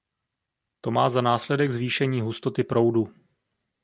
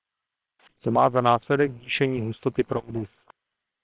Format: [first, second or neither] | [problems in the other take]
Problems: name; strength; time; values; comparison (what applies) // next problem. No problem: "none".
first | noise reduction (neural separator model SepFormer WHAM!)